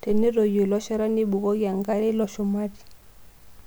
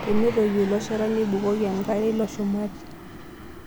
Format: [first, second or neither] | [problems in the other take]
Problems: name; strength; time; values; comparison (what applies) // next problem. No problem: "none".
first | background sound (Fixed-wing aircraft, airplane); 12 dB below the speech